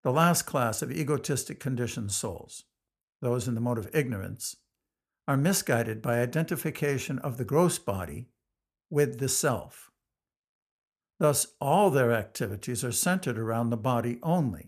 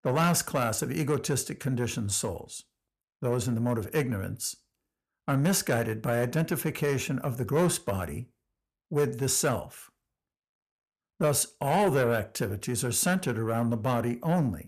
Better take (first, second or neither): first